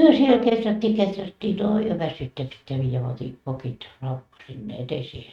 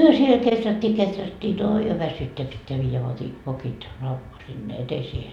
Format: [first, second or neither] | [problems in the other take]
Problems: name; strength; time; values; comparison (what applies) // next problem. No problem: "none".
second | noise reduction (neural mask model RNNoise)